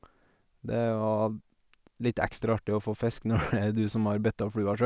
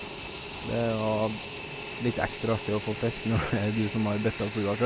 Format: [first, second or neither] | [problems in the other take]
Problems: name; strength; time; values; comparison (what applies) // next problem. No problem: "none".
first | background sound (Fixed-wing aircraft, airplane); 9 dB below the speech